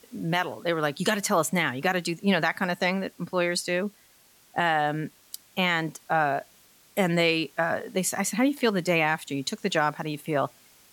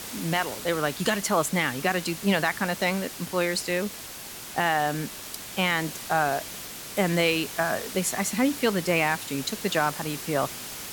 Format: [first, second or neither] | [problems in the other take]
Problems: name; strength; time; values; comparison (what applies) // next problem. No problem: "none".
first | hiss; loud; throughout; 9 dB below the speech; faint in the first